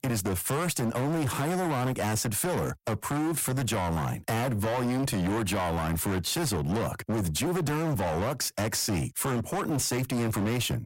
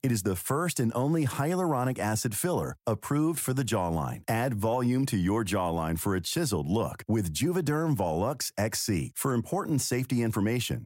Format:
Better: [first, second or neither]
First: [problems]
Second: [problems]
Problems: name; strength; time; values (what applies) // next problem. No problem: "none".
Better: second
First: distortion; heavy; 35% of the sound clipped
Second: none